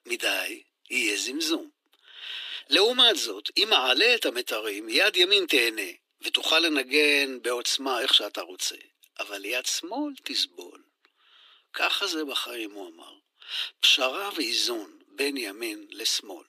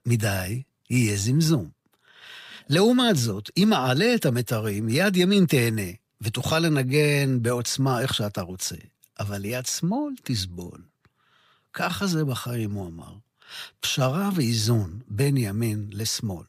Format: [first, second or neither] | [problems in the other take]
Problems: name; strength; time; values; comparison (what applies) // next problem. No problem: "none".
second | thin; very; fading below 300 Hz